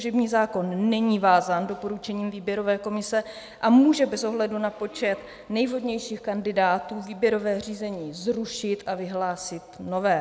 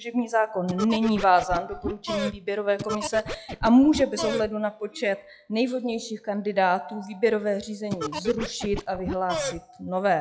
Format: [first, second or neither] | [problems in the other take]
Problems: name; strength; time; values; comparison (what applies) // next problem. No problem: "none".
first | noise reduction (classical method log-MMSE)